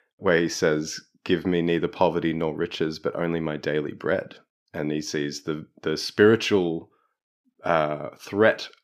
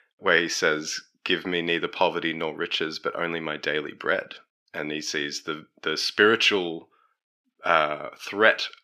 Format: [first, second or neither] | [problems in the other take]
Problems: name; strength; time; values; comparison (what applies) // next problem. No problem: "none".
first | thin; somewhat; fading below 450 Hz